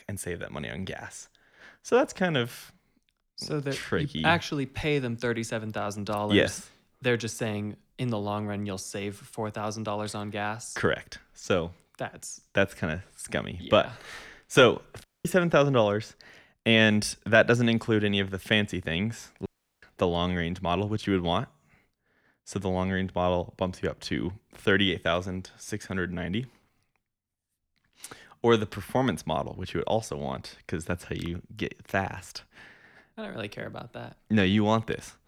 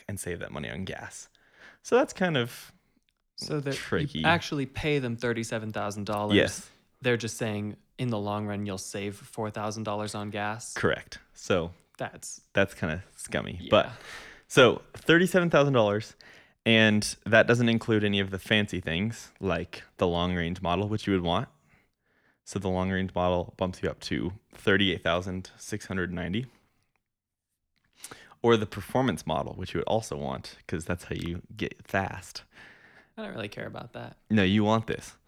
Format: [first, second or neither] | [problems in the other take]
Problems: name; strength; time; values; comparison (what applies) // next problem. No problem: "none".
second | audio cutting out; at 15 s and at 19 s